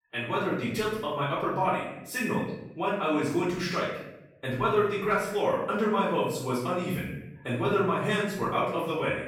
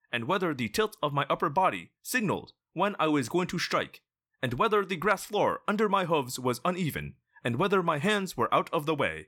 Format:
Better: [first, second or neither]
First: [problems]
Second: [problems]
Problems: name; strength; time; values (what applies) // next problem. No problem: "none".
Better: second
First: room echo; noticeable; dies away in 0.8 s // off-mic speech; far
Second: none